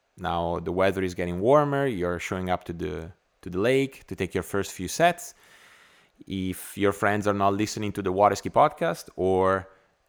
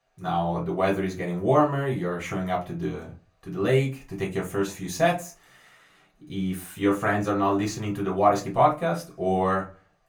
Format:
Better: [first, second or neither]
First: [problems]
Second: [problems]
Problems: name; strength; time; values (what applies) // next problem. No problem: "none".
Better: first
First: none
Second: off-mic speech; far // room echo; very slight; dies away in 0.2 s